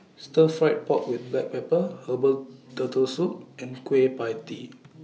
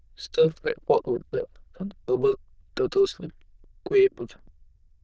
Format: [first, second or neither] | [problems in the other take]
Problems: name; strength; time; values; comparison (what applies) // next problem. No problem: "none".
first | noise reduction (neural diffusion model UNIVERSE++)